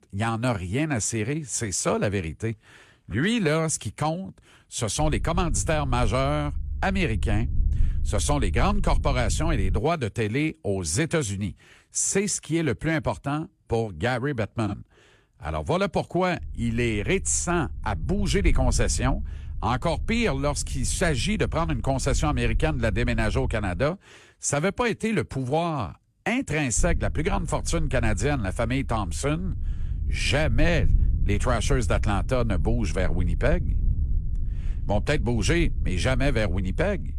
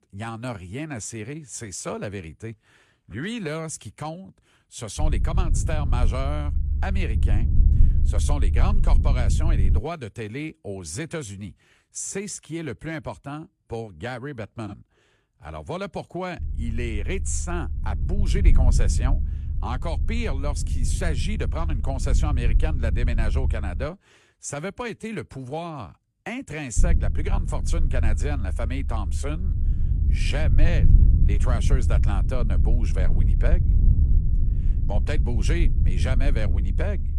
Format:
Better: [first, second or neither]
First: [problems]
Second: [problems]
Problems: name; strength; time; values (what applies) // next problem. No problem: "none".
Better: first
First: low rumble; faint; from 5 to 10 s, from 16 to 24 s and from 27 s on; 20 dB below the speech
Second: low rumble; loud; from 5 to 10 s, from 16 to 24 s and from 27 s on; 8 dB below the speech